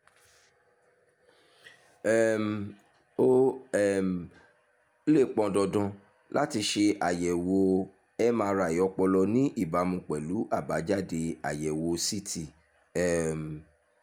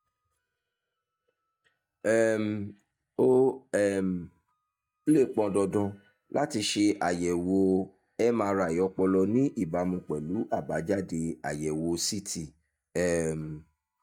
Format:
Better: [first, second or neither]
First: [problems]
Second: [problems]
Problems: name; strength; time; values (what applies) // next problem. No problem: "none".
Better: first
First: none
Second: noise reduction (neural mask model DeepFilterNet 3)